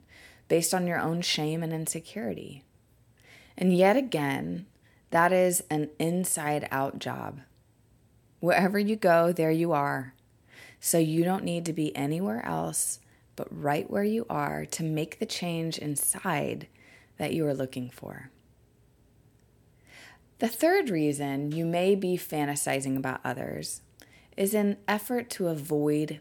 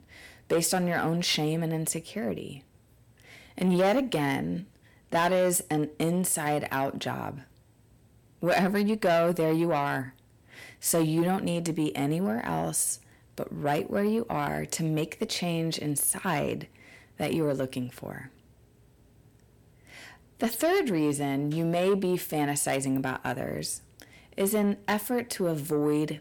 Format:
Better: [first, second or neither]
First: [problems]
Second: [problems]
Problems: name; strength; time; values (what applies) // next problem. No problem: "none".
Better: first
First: none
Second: distortion; slight; 10 dB below the speech